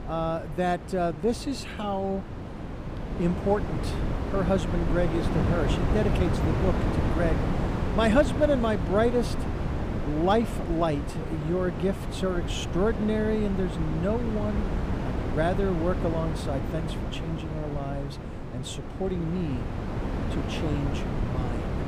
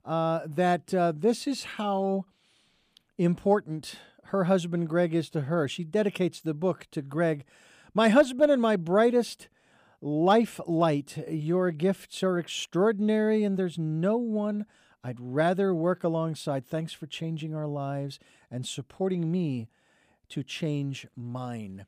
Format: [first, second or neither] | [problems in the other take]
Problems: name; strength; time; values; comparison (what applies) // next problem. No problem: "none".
second | wind noise on the microphone; heavy; 6 dB below the speech